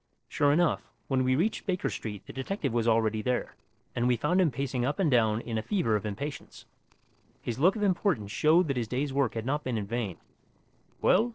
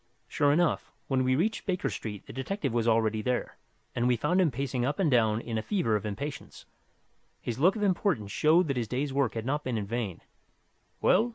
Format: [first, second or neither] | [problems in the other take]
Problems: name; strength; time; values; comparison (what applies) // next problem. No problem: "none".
second | noise reduction (neural separator model SepFormer DNS4)